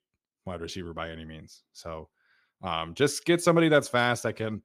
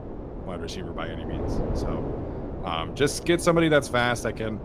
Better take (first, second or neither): first